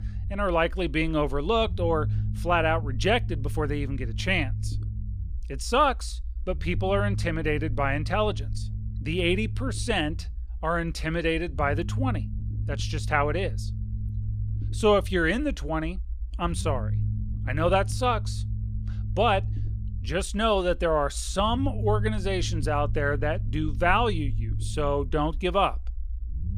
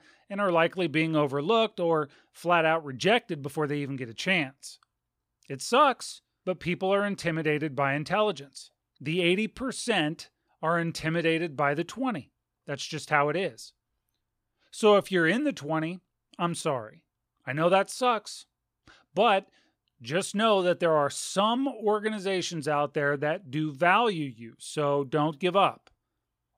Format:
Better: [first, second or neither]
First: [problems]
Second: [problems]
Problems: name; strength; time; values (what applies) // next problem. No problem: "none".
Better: second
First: low rumble; faint; throughout; 20 dB below the speech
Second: none